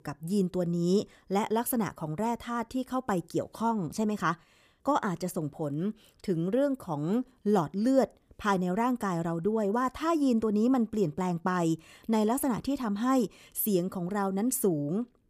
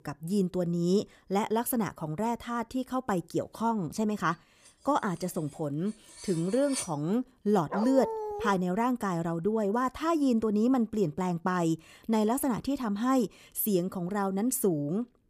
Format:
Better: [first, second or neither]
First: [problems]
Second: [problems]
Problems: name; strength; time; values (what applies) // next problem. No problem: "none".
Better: first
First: none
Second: clattering dishes; noticeable; at 6 s; peak 6 dB below the speech // dog barking; noticeable; at 7.5 s; peak 5 dB below the speech